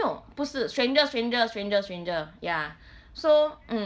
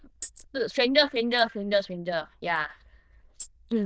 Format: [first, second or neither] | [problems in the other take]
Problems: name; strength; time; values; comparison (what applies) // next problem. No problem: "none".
first | noise reduction (neural diffusion model UNIVERSE++)